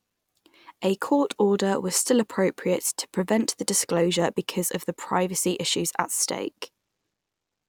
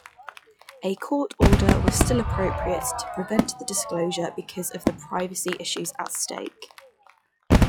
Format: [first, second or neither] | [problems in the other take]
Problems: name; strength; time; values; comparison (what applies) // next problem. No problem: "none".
first | noise reduction (classical method log-MMSE)